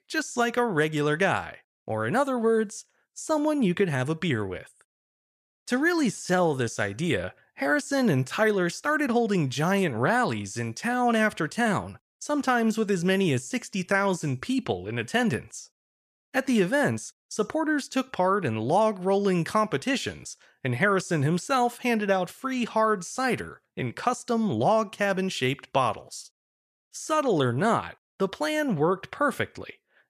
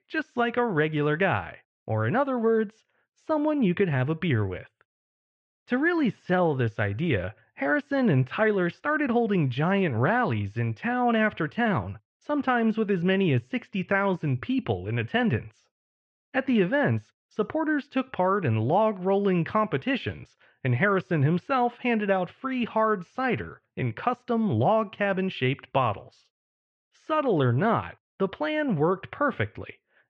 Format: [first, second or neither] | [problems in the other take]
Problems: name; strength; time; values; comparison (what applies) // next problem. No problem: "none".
first | muffled; very; fading above 3 kHz